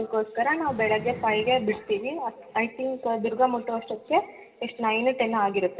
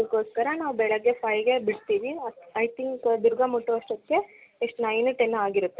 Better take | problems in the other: second | background sound (Fire); 19 dB below the speech // room echo; dies away in 2 s

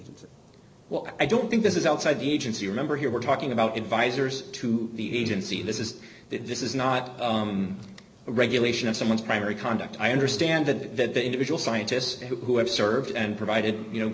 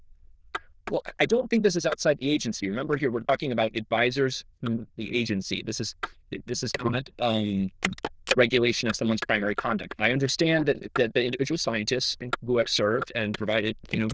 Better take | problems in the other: first | noise reduction (neural diffusion model UNIVERSE++)

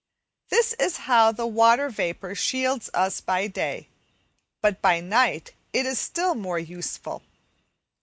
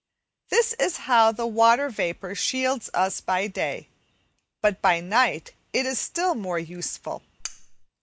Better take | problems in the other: first | background sound (Cutlery, silverware); 14 dB below the speech

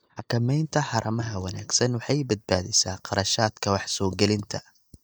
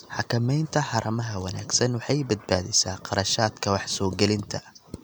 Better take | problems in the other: second | noise reduction (neural mask model DeepFilterNet 3)

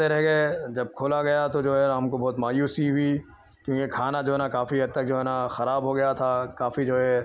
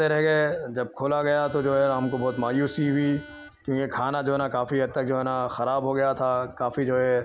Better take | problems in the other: first | background sound (Harmonica); 18 dB below the speech

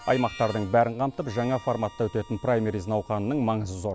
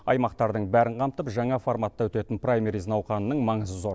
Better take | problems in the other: second | background sound (Harmonica); 20 dB below the speech

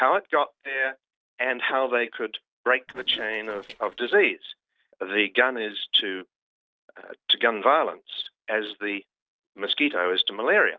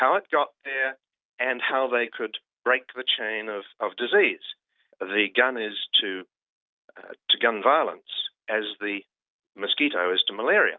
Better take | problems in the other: second | noise reduction (neural separator model SepFormer DNS4)

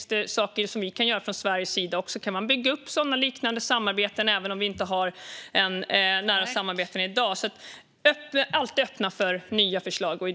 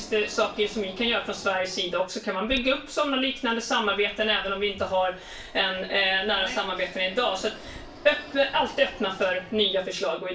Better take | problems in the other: first | background sound (Fixed-wing aircraft, airplane); 18 dB below the speech // room echo; dies away in 0.3 s

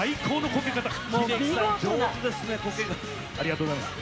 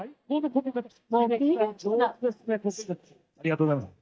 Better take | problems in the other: first | noise reduction (neural mask model DeepFilterNet 3)

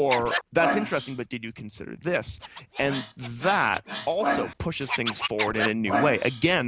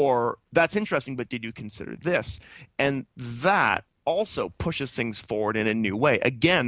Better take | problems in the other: second | background sound (Scratching (performance technique)); 5 dB below the speech

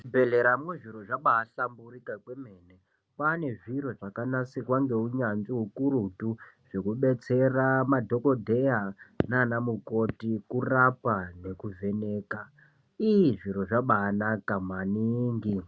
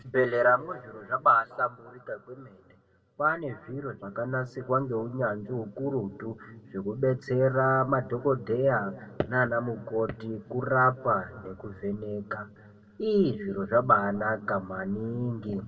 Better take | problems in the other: first | room echo; dies away in 1.6 s

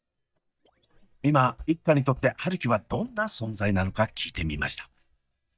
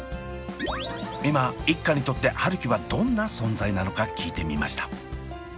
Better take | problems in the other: second | noise reduction (neural mask model DeepFilterNet 3)

